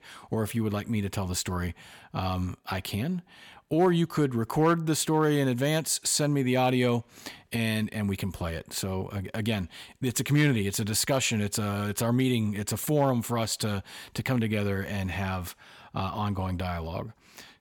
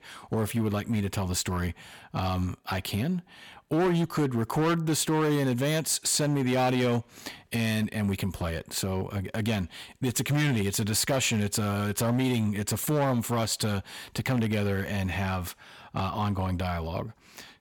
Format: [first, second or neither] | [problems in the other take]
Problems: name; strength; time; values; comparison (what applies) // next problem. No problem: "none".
first | distortion; slight; 8% of the sound clipped